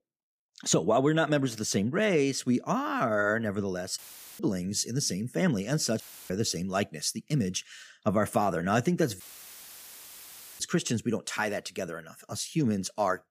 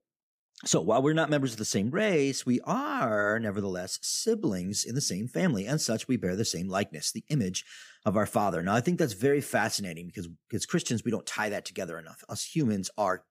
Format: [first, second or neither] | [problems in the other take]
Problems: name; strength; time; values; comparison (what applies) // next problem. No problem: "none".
second | audio cutting out; filled with static; at 4 s, at 6 s and at 9 s for 1.5 s